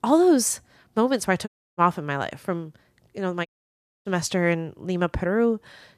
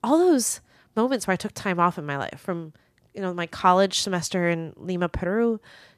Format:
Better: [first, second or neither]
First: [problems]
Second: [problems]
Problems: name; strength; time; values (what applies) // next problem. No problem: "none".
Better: second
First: audio cutting out; at 1.5 s and at 3.5 s for 0.5 s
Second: none